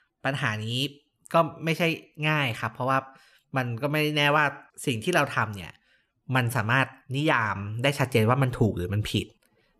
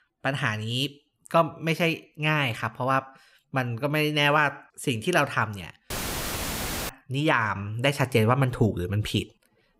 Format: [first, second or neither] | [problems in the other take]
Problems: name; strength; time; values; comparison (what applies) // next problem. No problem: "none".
first | audio cutting out; filled with static; at 6 s for 1 s